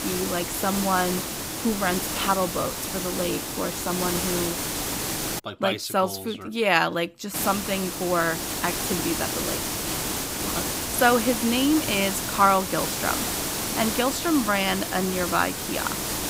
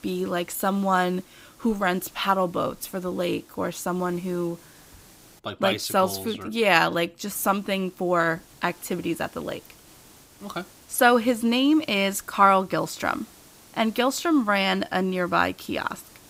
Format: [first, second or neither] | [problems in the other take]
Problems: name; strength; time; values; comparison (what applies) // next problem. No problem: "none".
second | hiss; loud; until 5.5 s and from 7.5 s on; 2 dB below the speech; faint in the second